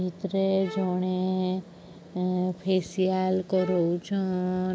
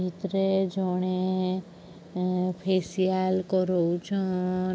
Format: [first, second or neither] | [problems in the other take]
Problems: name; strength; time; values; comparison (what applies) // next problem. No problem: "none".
second | background sound (Bowed string instrument); 15 dB below the speech